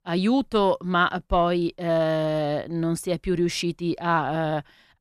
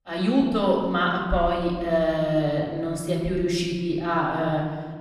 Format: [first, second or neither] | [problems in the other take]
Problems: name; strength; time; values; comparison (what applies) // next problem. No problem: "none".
first | off-mic speech; far // room echo; noticeable; dies away in 1.6 s